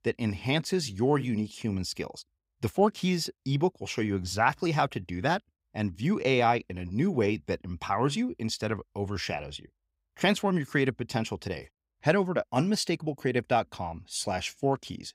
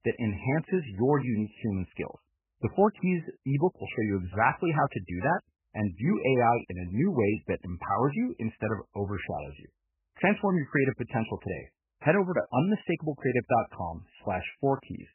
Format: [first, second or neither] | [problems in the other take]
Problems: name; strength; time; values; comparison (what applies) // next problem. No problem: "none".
first | garbled, watery; badly; nothing above 3 kHz